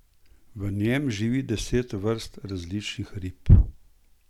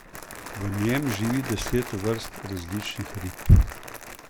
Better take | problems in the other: first | background sound (Crumpling, crinkling); 13 dB below the speech

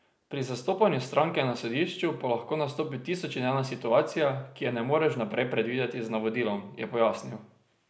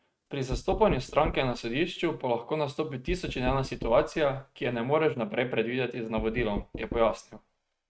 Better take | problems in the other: first | noise reduction (neural mask model RNNoise)

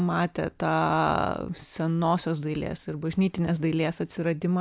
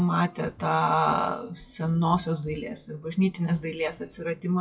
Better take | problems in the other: first | noise reduction (classical method WPE with log-MMSE)

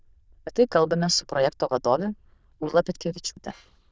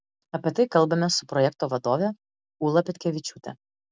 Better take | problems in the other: second | noise reduction (neural diffusion model UNIVERSE++)

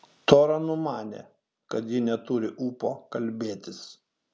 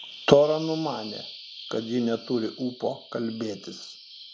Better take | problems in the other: first | background sound (Bird vocalization, bird call, bird song); 16 dB below the speech

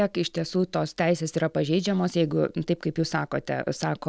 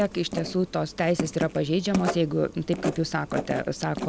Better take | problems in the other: first | background sound (Writing); 8 dB below the speech

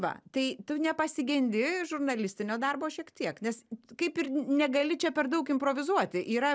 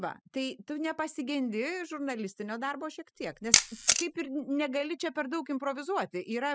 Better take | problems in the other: first | noise reduction (classical method spectral subtraction)

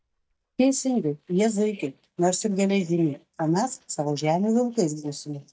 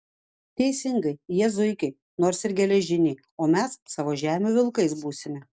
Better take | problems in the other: second | noise reduction (neural mask model DeepFilterNet 3)

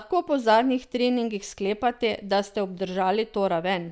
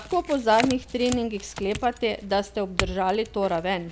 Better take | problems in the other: first | background sound (Chink, clink / Domestic sounds, home sounds); 10 dB below the speech

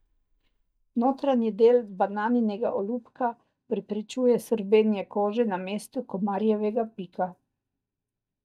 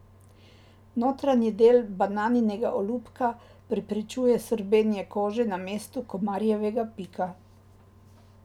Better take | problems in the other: second | noise reduction (neural mask model DeepFilterNet 3)

